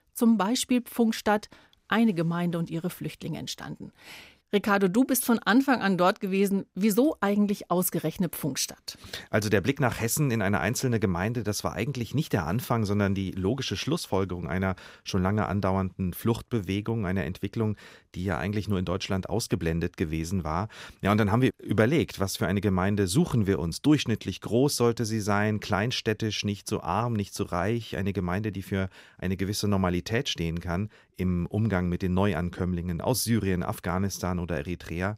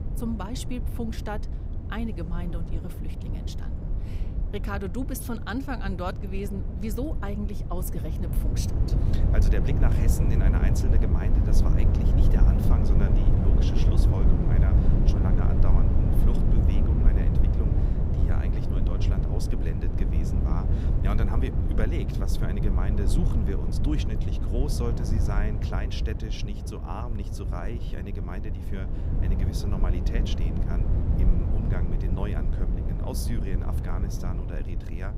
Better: first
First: none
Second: wind noise on the microphone; heavy; 1 dB below the speech

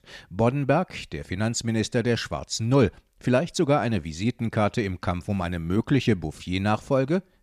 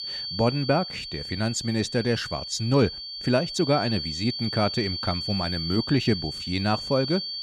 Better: first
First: none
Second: high-pitched whine; loud; throughout; 4.5 kHz, 5 dB below the speech

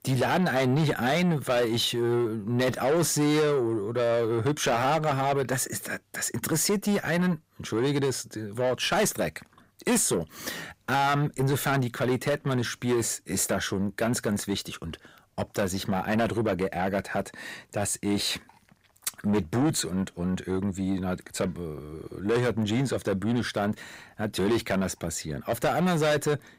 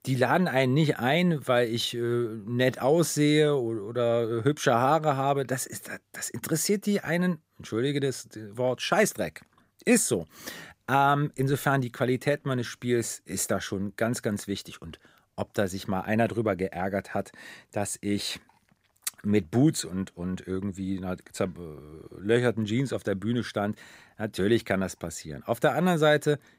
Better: second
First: distortion; heavy; 7 dB below the speech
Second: none

